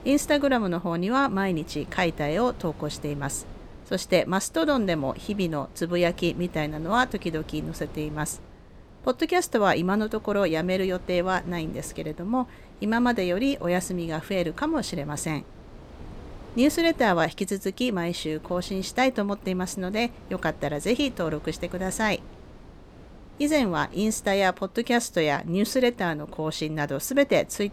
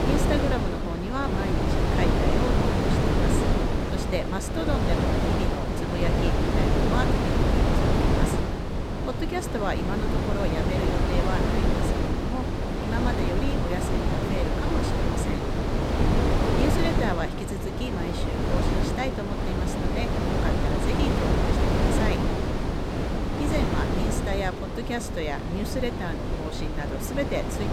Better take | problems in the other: first | wind noise on the microphone; heavy; 4 dB above the speech; occasional gusts in the first

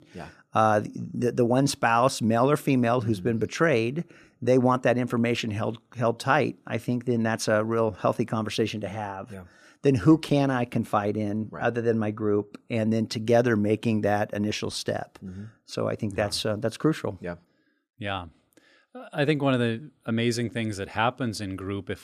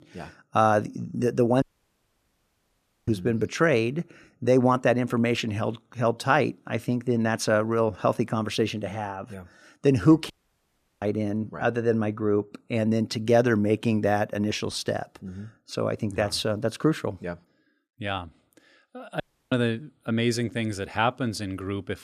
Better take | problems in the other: first | audio cutting out; at 1.5 s for 1.5 s, at 10 s for 0.5 s and at 19 s

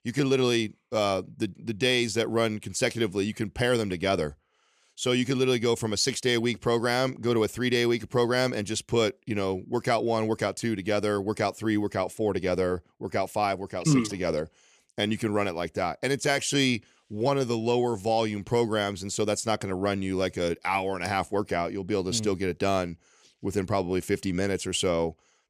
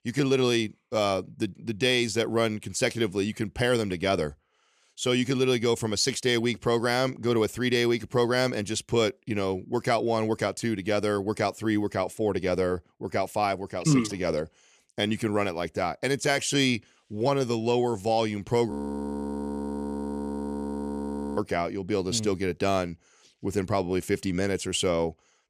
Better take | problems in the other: first | audio freezing; at 19 s for 2.5 s

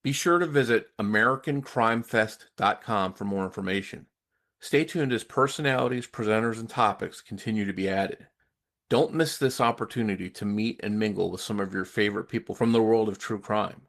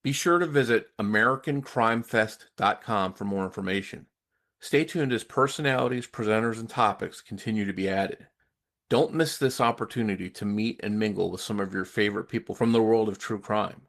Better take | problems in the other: neither | garbled, watery; slightly; nothing above 13.5 kHz; the same in both

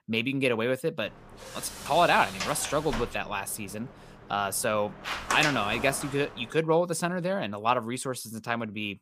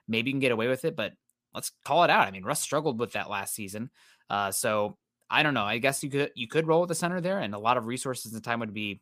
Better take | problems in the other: second | door banging; noticeable; from 1.5 to 6 s; peak 1 dB below the speech

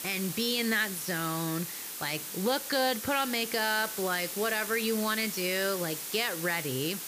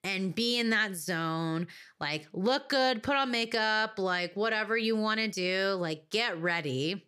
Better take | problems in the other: second | hiss; loud; throughout; 5 dB below the speech

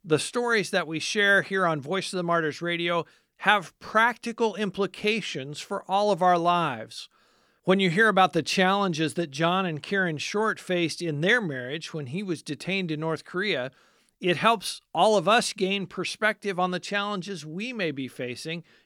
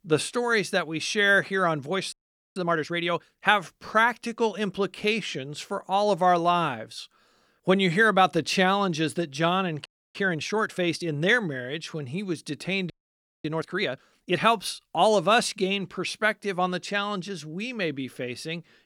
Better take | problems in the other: first | audio freezing; at 2 s, at 10 s and at 13 s for 0.5 s

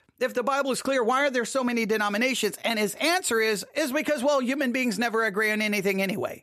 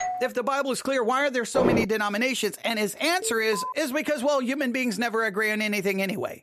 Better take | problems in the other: first | doorbell; noticeable; at the start; peak 6 dB below the speech // footsteps; loud; at 1.5 s; peak 1 dB above the speech // alarm; noticeable; at 3 s; peak 7 dB below the speech

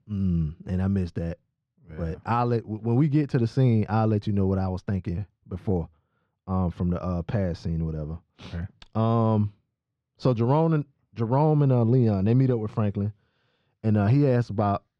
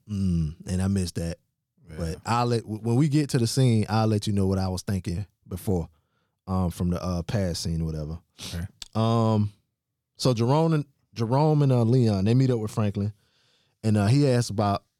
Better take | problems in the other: second | muffled; very; fading above 2 kHz

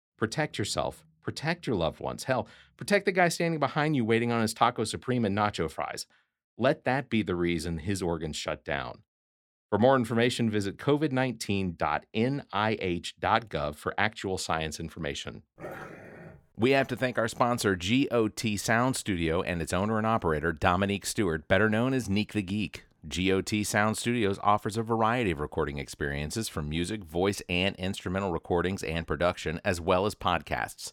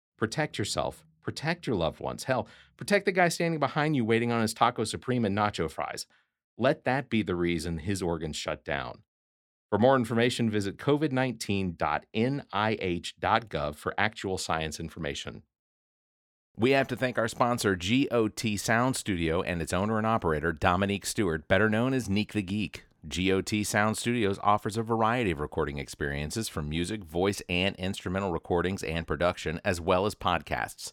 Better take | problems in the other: second | dog barking; faint; at 16 s; peak 15 dB below the speech

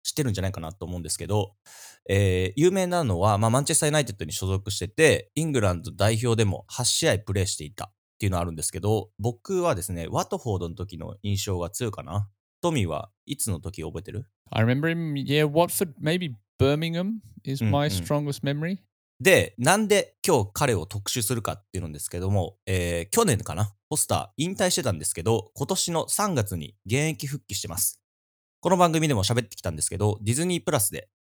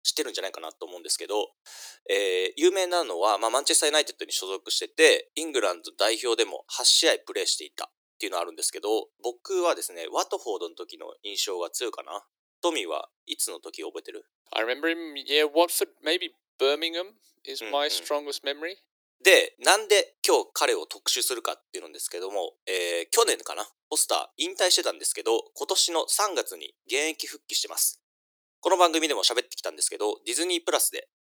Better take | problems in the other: first | thin; very; fading below 300 Hz

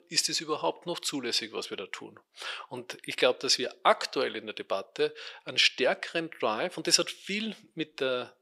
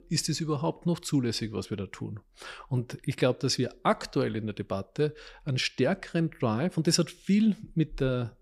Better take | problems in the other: second | thin; very; fading below 550 Hz

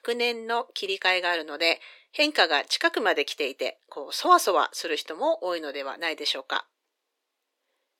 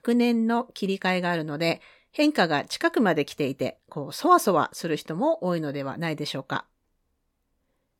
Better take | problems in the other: second | thin; very; fading below 350 Hz

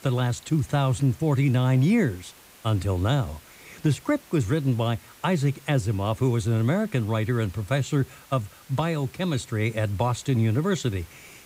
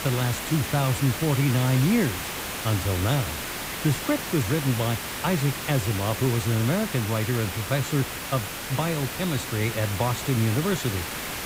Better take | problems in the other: first | hiss; loud; throughout; 5 dB below the speech; faint in the first

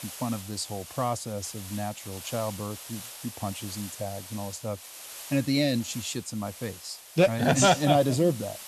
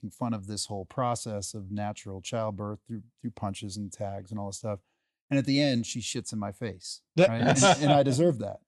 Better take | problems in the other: second | hiss; noticeable; throughout; 15 dB below the speech

